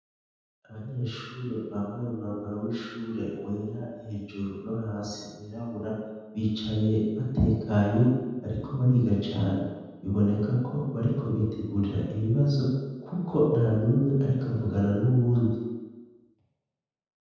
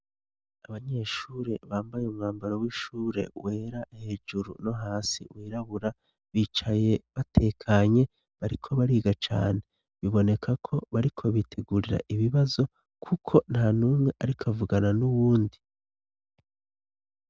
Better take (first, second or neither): second